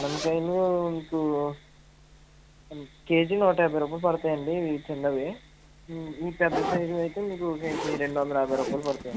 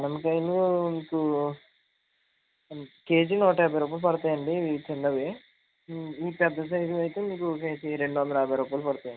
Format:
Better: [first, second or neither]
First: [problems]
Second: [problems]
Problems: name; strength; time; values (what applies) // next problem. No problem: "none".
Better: second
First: background sound (Zipper (clothing)); 11 dB below the speech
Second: none